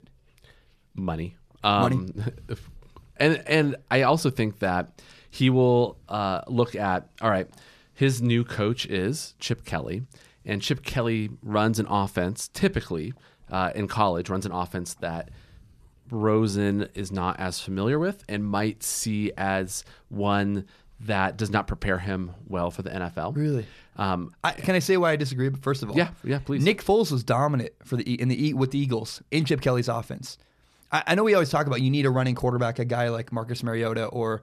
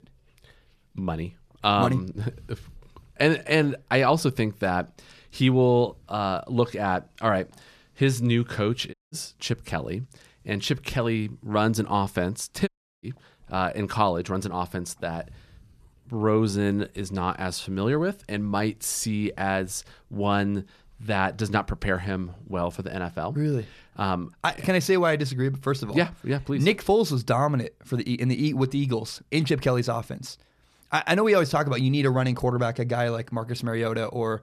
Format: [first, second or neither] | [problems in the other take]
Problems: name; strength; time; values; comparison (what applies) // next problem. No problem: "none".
first | audio cutting out; at 9 s and at 13 s